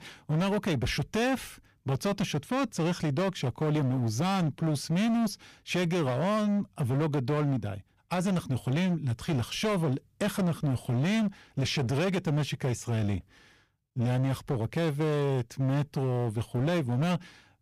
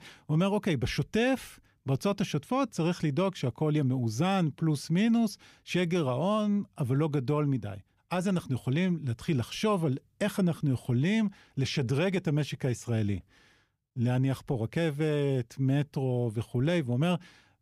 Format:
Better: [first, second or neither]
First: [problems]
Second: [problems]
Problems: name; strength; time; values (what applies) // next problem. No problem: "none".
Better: second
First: distortion; slight; 23% of the sound clipped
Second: none